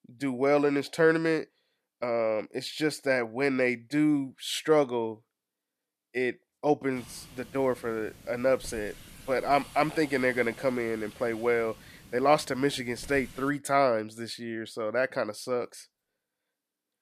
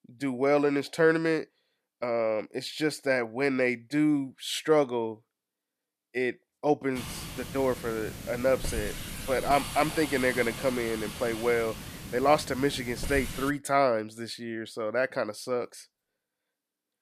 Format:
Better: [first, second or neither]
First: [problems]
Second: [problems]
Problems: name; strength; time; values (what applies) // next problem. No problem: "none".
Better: first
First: hiss; faint; from 7 to 14 s; 20 dB below the speech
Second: hiss; loud; from 7 to 14 s; 10 dB below the speech